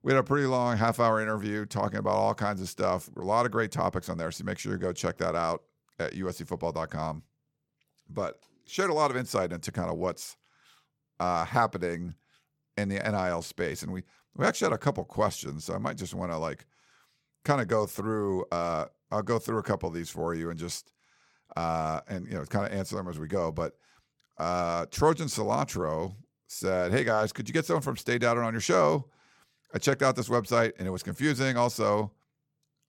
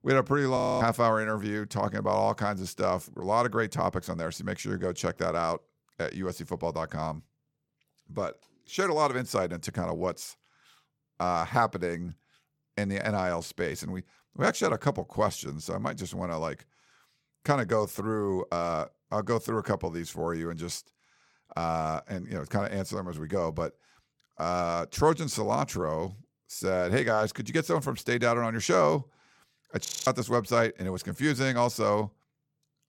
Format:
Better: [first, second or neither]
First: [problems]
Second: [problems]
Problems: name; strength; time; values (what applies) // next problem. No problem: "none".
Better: first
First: none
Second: audio freezing; at 0.5 s and at 30 s